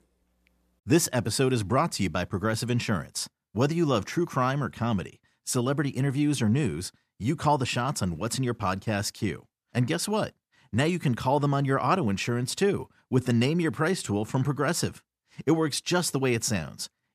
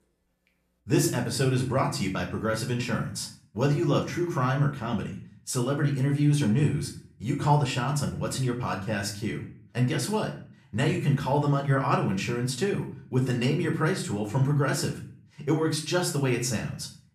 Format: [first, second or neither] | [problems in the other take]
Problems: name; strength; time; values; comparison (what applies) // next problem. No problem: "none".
first | room echo; slight; dies away in 0.4 s // off-mic speech; somewhat distant